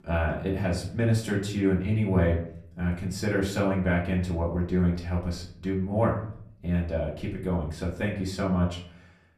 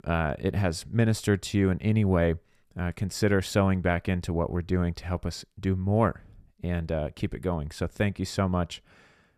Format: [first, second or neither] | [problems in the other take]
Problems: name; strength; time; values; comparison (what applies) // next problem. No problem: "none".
second | off-mic speech; far // room echo; slight; dies away in 0.5 s